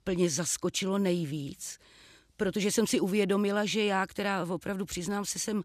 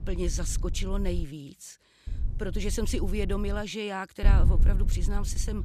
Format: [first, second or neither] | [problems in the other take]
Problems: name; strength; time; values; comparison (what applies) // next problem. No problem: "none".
first | wind noise on the microphone; occasional gusts; until 1 s, from 2 to 3.5 s and from 4 s on; 10 dB below the speech